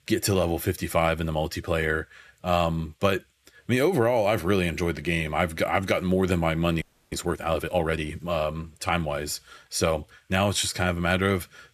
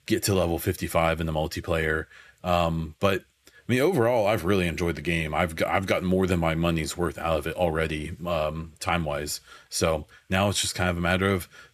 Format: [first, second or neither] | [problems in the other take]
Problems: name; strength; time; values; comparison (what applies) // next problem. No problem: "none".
second | audio freezing; at 7 s